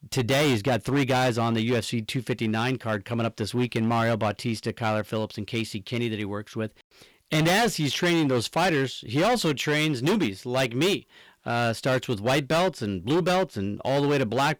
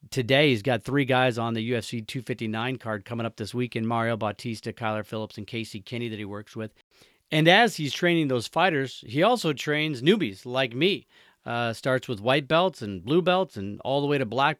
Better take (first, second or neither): second